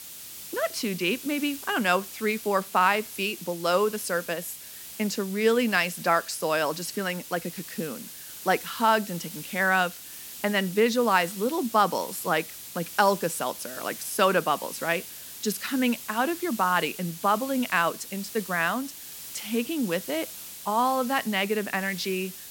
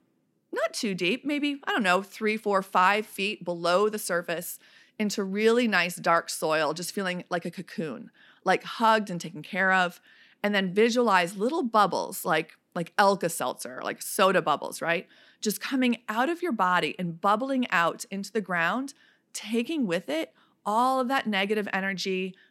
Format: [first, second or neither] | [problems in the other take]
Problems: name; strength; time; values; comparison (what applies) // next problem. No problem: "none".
second | hiss; noticeable; throughout; 10 dB below the speech